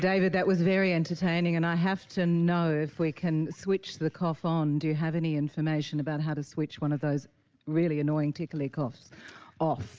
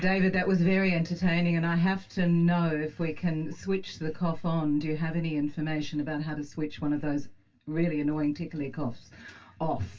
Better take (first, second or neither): first